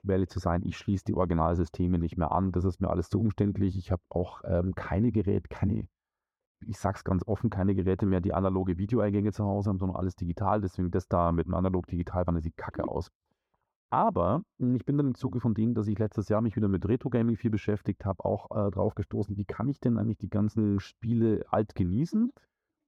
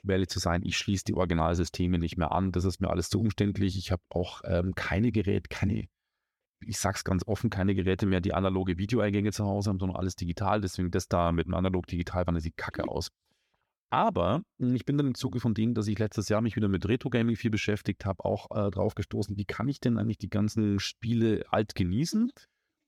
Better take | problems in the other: second | muffled; very; fading above 1.5 kHz

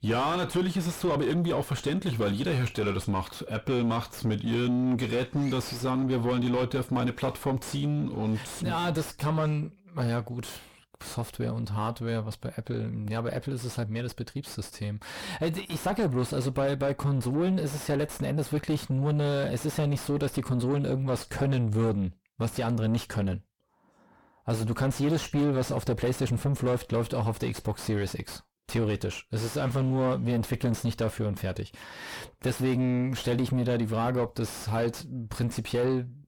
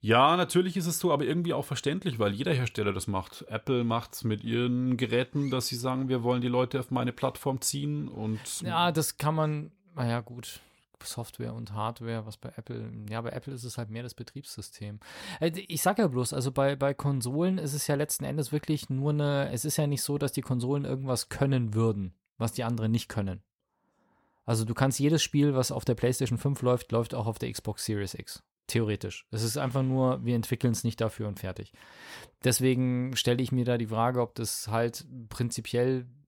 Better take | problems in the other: second | distortion; heavy; 5 dB below the speech

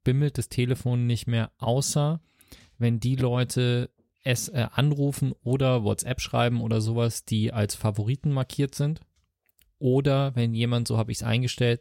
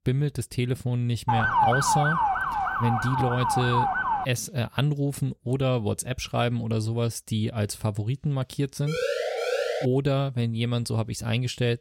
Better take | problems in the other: first | siren; loud; from 1.5 to 4.5 s and at 9 s; peak 6 dB above the speech

